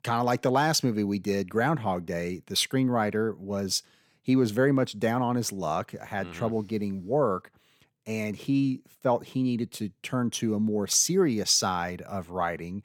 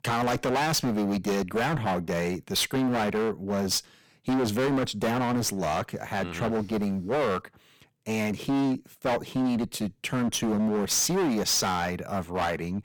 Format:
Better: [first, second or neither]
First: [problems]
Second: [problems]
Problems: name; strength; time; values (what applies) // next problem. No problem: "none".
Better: first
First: none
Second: distortion; heavy; 23% of the sound clipped